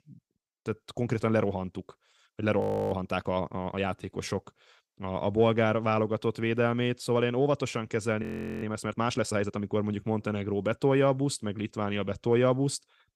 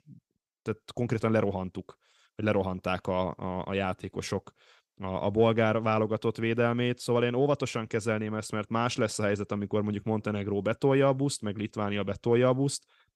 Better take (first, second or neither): second